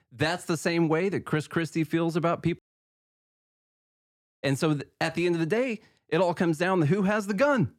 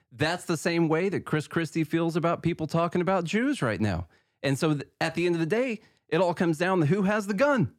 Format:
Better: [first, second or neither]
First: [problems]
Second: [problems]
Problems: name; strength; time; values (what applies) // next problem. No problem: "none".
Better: second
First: audio cutting out; at 2.5 s for 2 s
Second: none